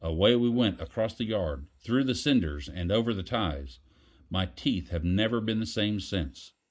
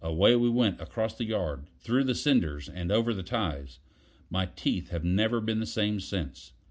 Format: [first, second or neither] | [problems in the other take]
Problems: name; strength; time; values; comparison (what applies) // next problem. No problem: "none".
second | noise reduction (neural mask model Resemble Enhance denoiser)